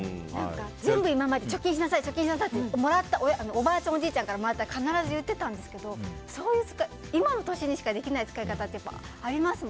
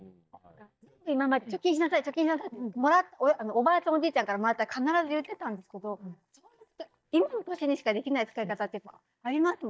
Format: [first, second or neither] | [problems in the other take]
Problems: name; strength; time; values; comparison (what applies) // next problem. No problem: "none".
first | noise reduction (neural mask model DeepFilterNet 3)